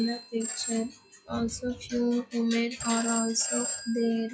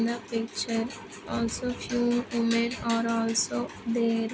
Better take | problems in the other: second | noise reduction (classical method log-MMSE)

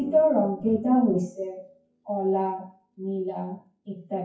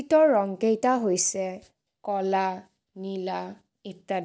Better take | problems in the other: second | noise reduction (classical method WPE with log-MMSE)

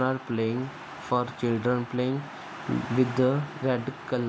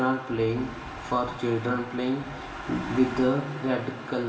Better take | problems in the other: first | background sound (Wind); 18 dB below the speech // room echo; dies away in 1 s

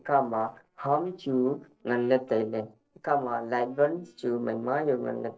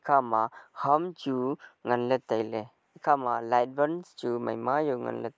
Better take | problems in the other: second | noise reduction (neural separator model SepFormer DNS4)

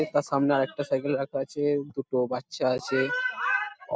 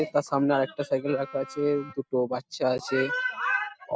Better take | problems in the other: first | background sound (Wind instrument, woodwind instrument); 19 dB below the speech

